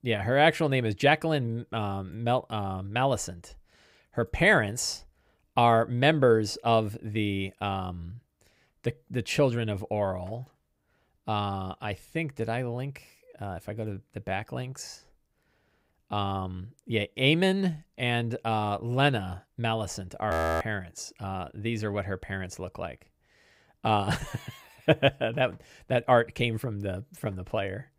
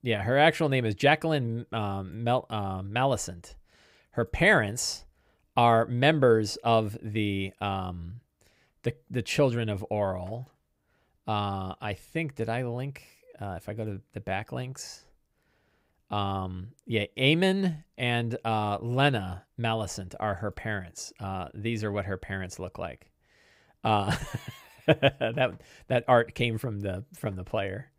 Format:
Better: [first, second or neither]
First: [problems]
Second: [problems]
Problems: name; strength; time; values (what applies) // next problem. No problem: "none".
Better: second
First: audio freezing; at 20 s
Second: none